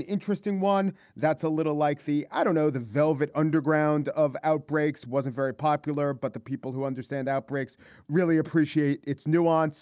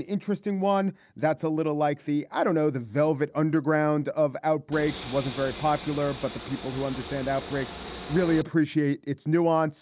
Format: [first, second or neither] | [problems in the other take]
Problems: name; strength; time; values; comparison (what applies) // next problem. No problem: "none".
first | background sound (Train); 12 dB below the speech